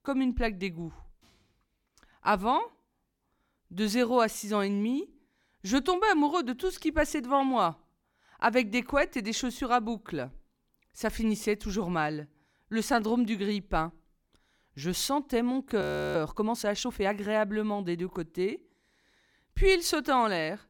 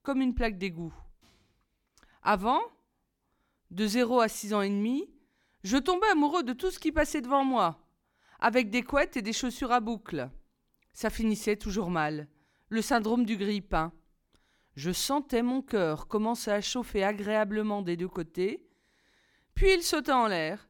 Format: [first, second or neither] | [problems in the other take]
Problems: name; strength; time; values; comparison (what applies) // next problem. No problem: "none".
second | audio freezing; at 16 s